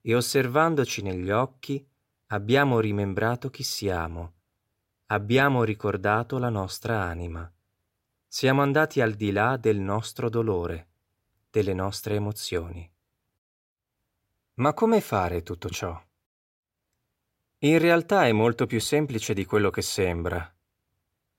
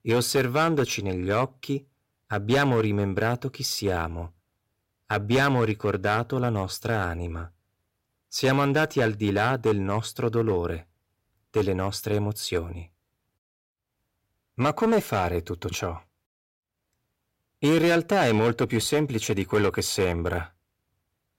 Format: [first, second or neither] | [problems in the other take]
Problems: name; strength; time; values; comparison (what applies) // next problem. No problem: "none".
first | distortion; slight; 5% of the sound clipped